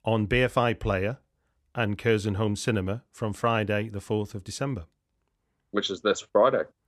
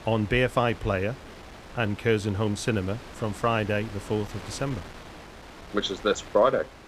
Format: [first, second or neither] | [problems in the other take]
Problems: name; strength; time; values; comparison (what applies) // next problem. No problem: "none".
first | wind noise on the microphone; occasional gusts; 15 dB below the speech